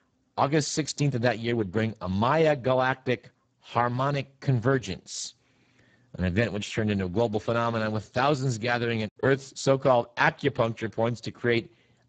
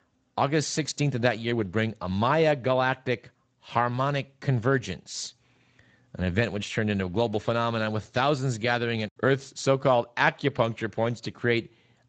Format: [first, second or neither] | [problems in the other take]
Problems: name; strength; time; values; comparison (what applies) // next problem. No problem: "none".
second | garbled, watery; badly; nothing above 8 kHz; slightly in the second